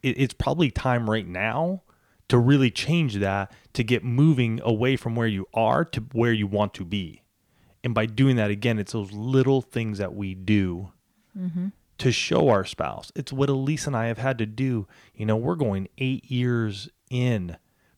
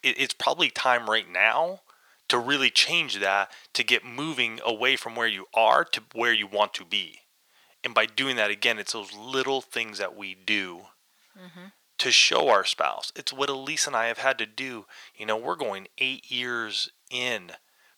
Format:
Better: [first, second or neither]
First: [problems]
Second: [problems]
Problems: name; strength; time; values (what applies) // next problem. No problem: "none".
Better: first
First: none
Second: thin; very; fading below 800 Hz